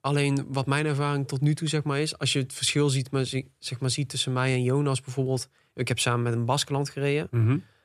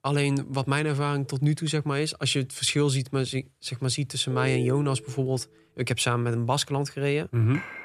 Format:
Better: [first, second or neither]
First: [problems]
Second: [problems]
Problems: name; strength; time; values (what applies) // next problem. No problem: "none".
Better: first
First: none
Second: phone ringing; noticeable; at 4.5 s; peak 5 dB below the speech // clattering dishes; very faint; at 7.5 s; peak 10 dB below the speech